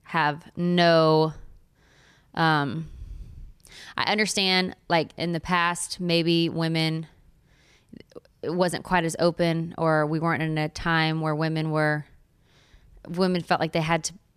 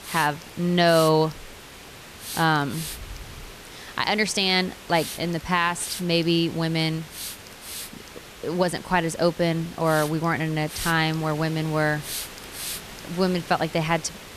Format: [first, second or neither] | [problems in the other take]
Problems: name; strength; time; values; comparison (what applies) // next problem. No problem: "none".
first | hiss; noticeable; throughout; 15 dB below the speech